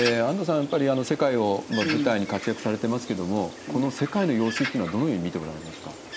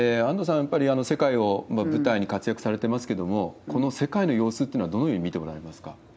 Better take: second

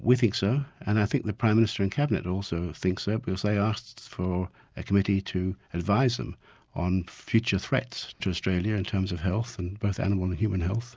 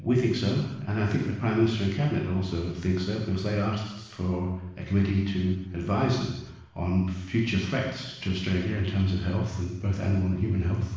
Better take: first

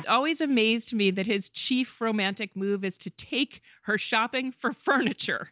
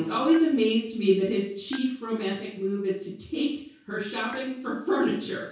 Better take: first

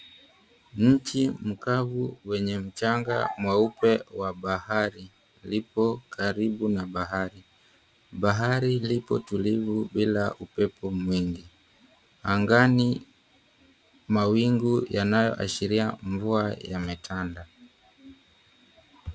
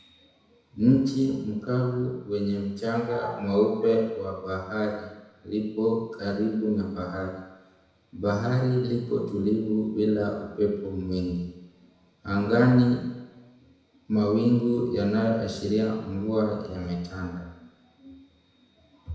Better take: first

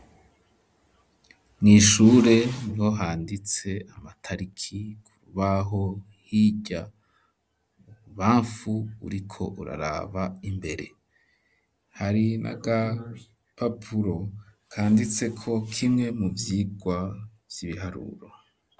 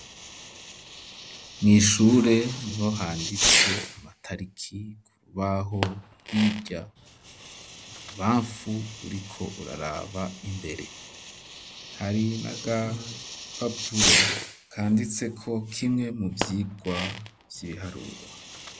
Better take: first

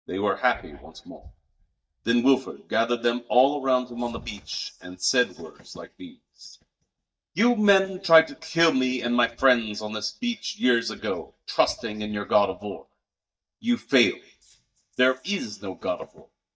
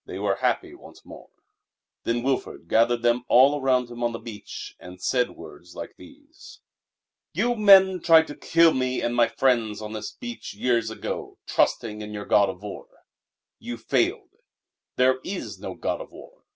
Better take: second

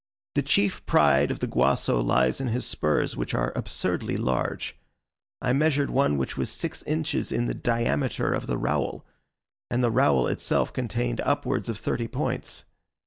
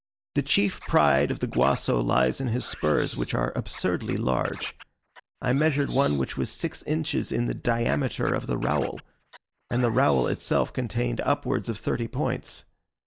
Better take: first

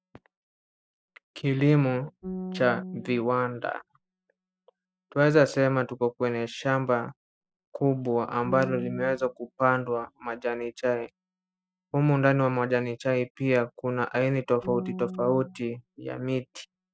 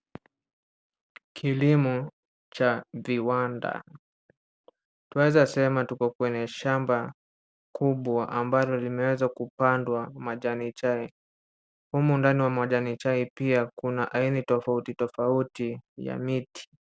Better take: second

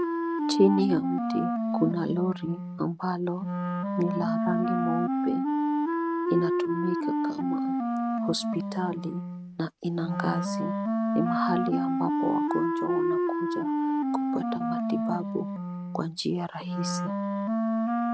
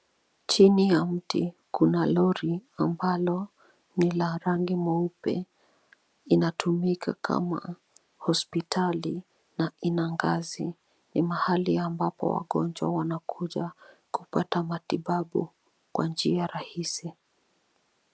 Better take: second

